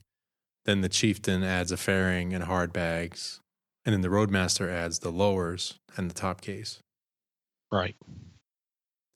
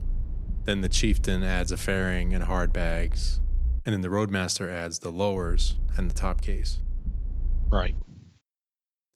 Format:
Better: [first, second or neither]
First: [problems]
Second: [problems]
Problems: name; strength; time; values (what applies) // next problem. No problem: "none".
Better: first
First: none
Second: low rumble; faint; until 4 s and from 5.5 to 8 s; 20 dB below the speech